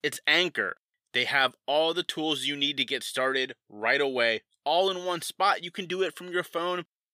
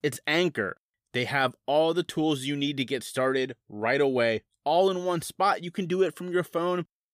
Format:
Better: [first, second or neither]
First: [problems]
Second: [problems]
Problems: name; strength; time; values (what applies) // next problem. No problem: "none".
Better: second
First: thin; very slightly; fading below 500 Hz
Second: none